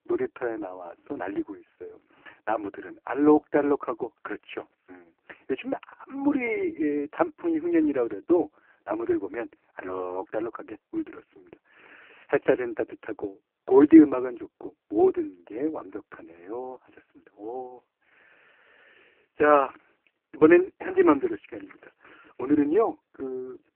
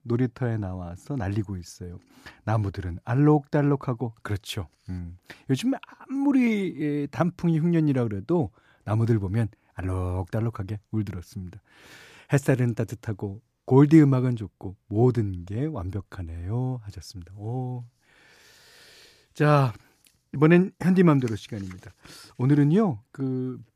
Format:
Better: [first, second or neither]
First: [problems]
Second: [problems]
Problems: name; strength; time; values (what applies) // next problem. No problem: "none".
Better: second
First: phone-call audio; poor line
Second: none